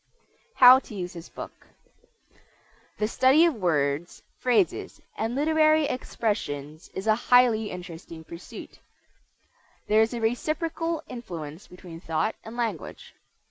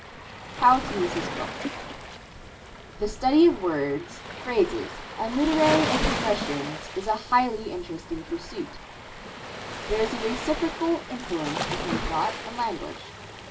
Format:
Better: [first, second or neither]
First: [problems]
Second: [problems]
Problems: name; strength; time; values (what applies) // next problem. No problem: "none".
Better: first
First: none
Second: background sound (Waves, surf); 7 dB below the speech // room echo; dies away in 0.2 s